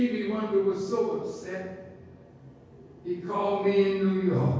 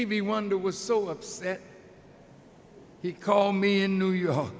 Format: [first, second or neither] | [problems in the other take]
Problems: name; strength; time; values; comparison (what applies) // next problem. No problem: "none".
second | room echo; dies away in 1.3 s